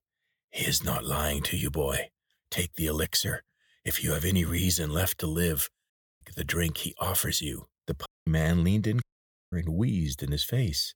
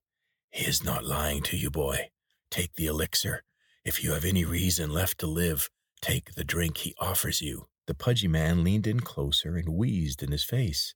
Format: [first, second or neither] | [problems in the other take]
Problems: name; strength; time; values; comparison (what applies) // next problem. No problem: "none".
second | audio cutting out; at 6 s, at 8 s and at 9 s for 0.5 s